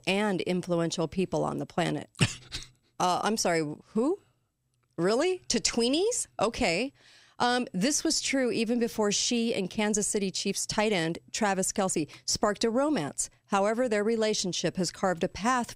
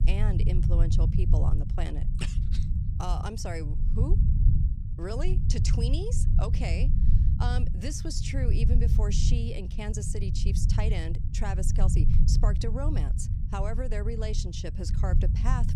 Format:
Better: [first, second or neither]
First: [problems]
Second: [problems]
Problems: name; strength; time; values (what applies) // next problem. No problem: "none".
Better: first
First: none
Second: low rumble; loud; throughout; 5 dB below the speech